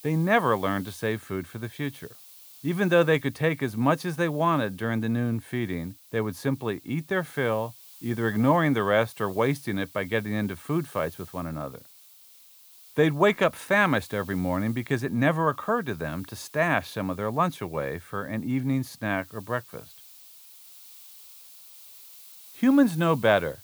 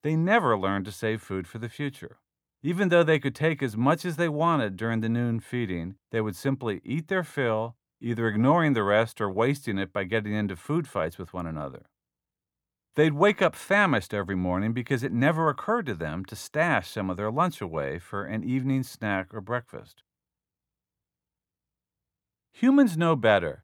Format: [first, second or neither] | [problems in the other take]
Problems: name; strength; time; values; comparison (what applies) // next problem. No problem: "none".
second | hiss; faint; throughout; 20 dB below the speech